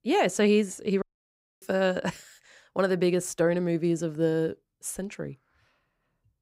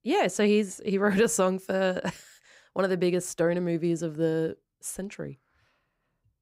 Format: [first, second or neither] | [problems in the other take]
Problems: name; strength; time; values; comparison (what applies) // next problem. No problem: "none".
second | audio cutting out; at 1 s for 0.5 s